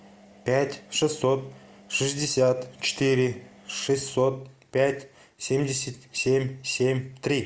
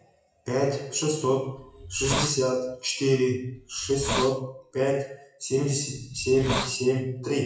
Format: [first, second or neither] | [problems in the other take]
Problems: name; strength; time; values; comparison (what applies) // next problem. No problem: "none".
first | noise reduction (classical method WPE with log-MMSE)